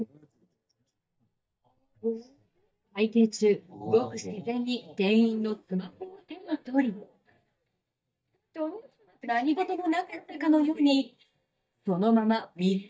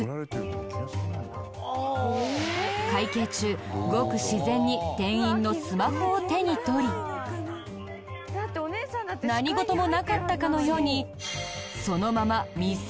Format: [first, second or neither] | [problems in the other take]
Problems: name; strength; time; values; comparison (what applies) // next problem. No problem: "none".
second | noise reduction (neural mask model DeepFilterNet 3)